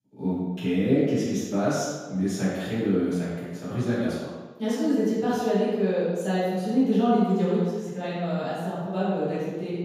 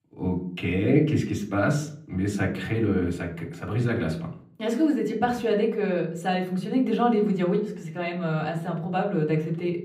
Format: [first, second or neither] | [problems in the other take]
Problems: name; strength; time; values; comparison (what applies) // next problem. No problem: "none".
second | room echo; strong; dies away in 1.2 s; slight in the second // off-mic speech; far; far in the second